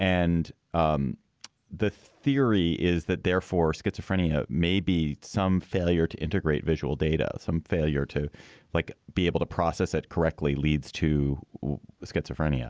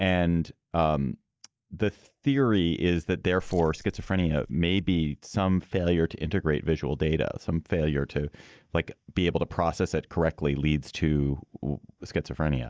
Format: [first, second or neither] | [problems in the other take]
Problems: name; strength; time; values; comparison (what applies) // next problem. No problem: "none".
first | noise reduction (neural mask model DeepFilterNet 3)